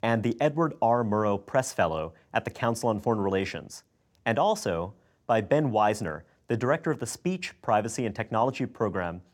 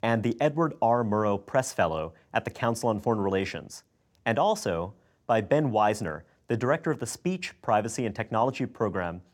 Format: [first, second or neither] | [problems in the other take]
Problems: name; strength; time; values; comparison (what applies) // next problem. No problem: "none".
neither | none